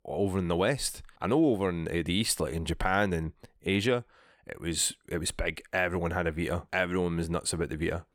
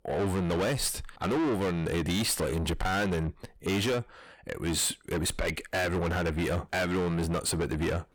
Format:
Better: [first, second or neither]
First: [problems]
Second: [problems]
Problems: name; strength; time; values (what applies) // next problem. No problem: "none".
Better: first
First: none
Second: distortion; heavy; 6 dB below the speech